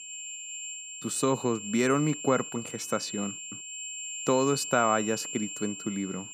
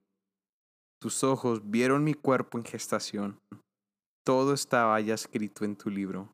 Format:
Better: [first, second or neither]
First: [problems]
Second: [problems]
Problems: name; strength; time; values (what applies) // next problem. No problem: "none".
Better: second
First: high-pitched whine; loud; throughout; 7.5 kHz, 8 dB below the speech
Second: none